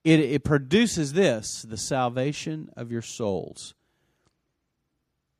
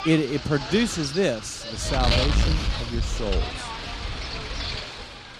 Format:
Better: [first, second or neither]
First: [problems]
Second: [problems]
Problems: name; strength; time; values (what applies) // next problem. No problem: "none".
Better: first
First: none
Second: wind noise on the microphone; heavy; 2 dB below the speech